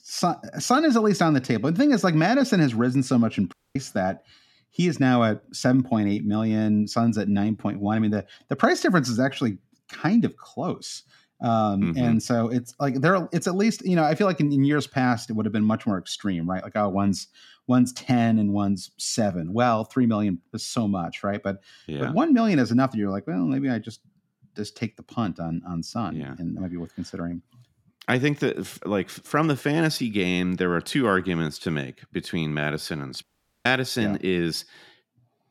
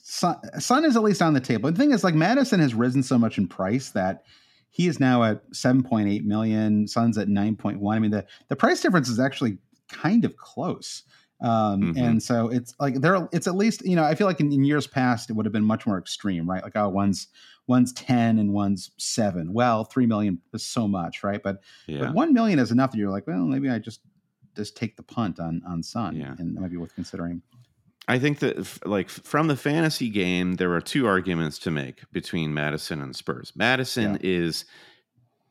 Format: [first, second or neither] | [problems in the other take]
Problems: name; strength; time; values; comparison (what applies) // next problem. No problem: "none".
second | audio cutting out; at 3.5 s and at 33 s